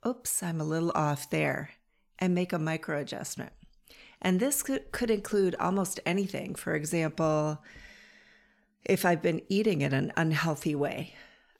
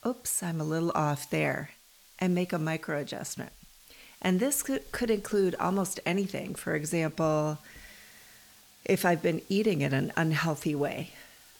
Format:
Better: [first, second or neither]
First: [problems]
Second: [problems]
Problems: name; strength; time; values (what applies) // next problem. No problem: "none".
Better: first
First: none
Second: hiss; faint; throughout; 25 dB below the speech